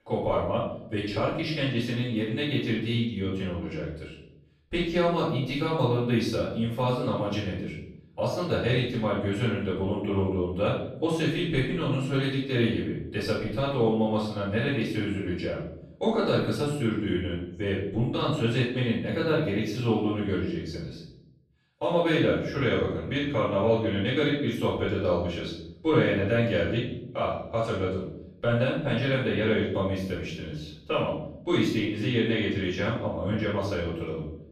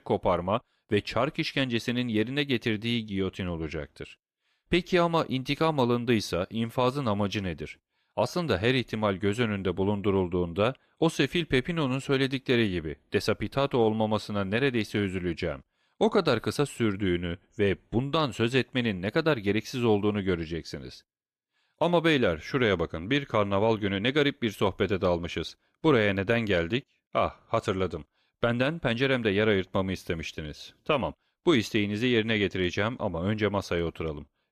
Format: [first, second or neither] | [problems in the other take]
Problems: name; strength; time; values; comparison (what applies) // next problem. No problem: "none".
second | off-mic speech; far // room echo; noticeable; dies away in 0.8 s